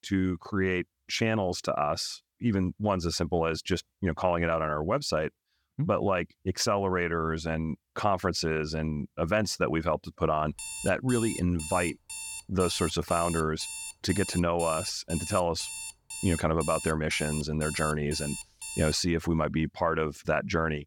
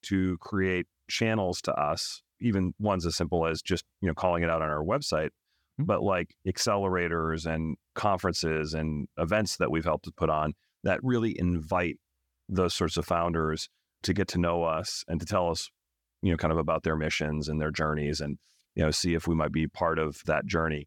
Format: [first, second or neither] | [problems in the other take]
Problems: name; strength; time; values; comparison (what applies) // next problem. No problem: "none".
second | alarm; noticeable; from 11 to 19 s; peak 7 dB below the speech